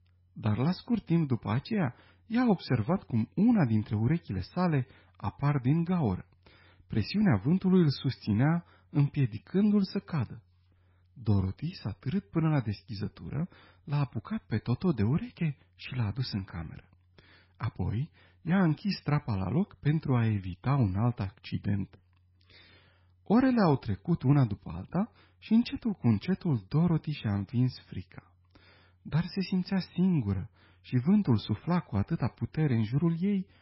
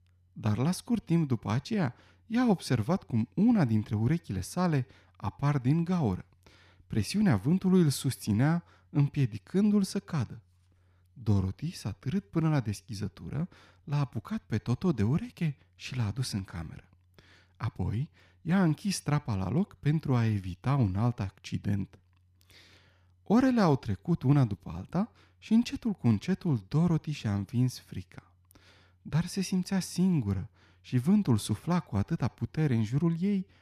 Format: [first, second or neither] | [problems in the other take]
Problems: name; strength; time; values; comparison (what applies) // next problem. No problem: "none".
second | garbled, watery; badly; nothing above 5.5 kHz